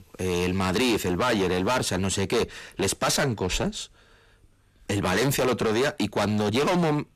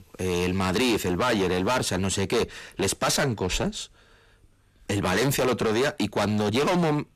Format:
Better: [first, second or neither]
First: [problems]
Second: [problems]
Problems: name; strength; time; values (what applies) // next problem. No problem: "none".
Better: neither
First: distortion; heavy; 18% of the sound clipped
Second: distortion; heavy; 18% of the sound clipped